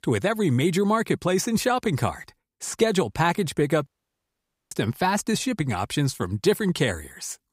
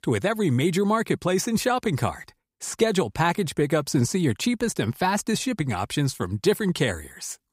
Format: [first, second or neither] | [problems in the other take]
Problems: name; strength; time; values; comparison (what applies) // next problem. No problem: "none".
second | audio cutting out; at 4 s for 1 s